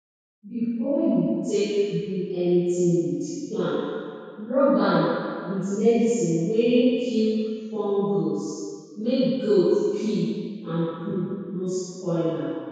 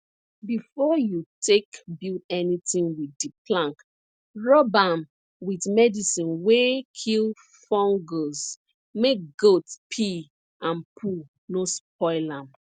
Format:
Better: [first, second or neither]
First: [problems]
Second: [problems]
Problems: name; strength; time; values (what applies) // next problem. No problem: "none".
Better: second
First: room echo; dies away in 1.9 s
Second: none